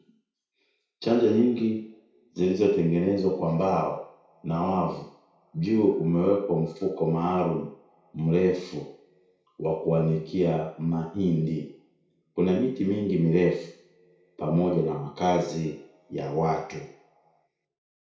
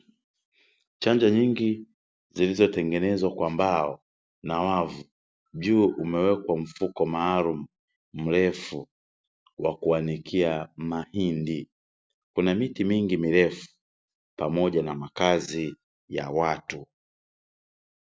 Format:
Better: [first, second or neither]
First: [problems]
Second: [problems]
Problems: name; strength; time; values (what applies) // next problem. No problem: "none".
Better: second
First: room echo; dies away in 0.6 s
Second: none